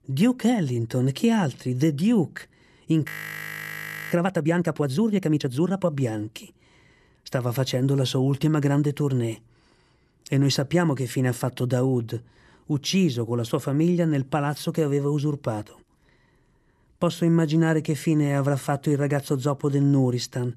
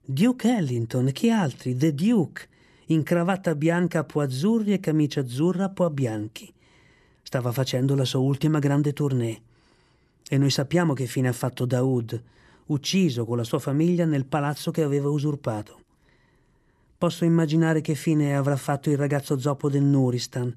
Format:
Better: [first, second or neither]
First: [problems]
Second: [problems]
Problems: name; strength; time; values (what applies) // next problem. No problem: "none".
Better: second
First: audio freezing; at 3 s for 1 s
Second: none